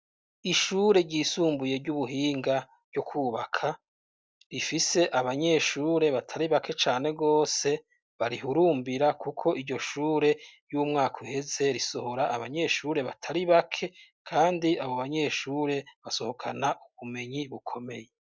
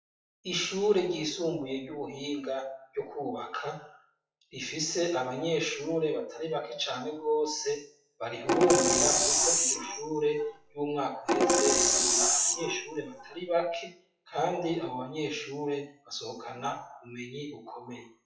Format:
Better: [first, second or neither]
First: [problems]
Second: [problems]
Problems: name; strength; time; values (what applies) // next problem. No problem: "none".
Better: first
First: none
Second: noise reduction (classical method WPE with log-MMSE)